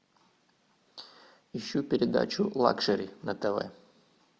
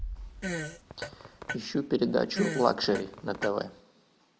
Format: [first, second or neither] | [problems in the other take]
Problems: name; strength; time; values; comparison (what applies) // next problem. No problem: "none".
first | background sound (Fart + Bass drum); 8 dB below the speech